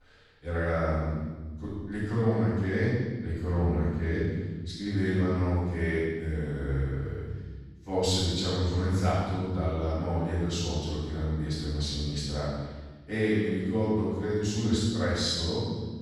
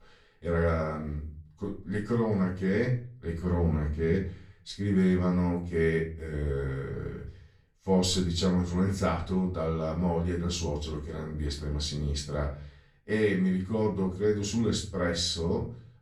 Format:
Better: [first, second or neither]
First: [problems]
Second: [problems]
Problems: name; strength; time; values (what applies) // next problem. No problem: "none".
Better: second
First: room echo; strong; dies away in 1.4 s // off-mic speech; far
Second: room echo; slight; dies away in 0.4 s // off-mic speech; far